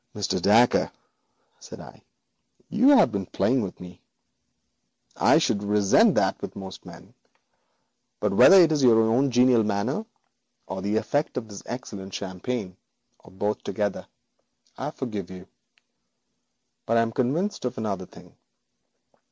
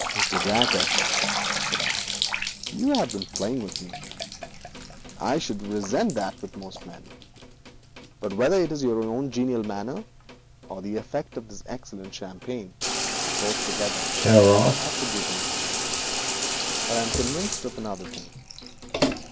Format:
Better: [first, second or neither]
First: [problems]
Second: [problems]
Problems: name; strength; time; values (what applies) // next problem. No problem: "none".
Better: first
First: none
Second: background sound (Bathtub (filling or washing) / Water tap, faucet); 3 dB above the speech